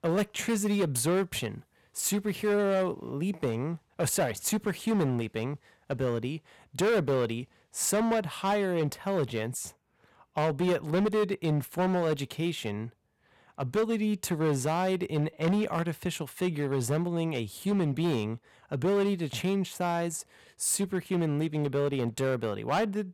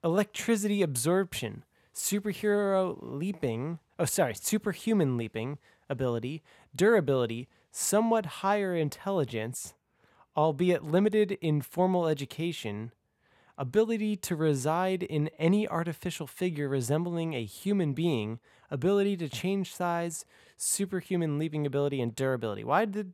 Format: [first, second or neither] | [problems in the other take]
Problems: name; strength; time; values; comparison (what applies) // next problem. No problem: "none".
second | distortion; slight; 9% of the sound clipped